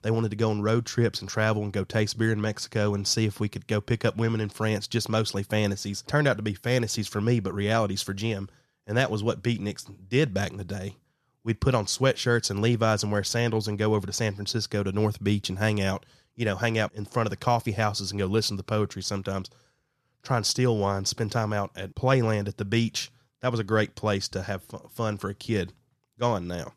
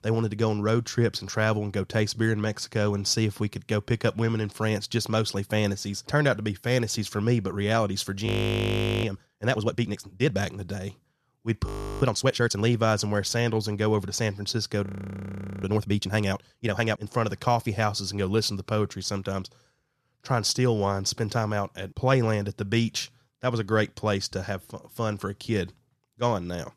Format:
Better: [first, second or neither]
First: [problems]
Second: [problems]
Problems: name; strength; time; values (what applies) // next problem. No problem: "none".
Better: first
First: none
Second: audio freezing; at 8.5 s for 1 s, at 12 s and at 15 s for 1 s